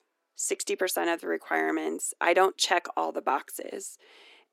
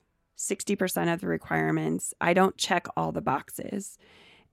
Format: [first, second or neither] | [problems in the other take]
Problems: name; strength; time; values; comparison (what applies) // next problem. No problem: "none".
second | thin; very; fading below 300 Hz